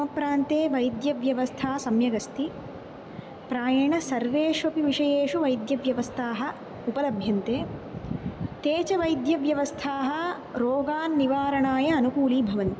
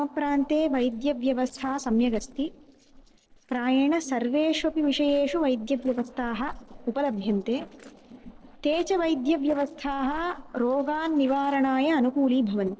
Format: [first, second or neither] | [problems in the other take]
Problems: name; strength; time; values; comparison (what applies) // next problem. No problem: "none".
first | noise reduction (neural separator model SepFormer DNS4)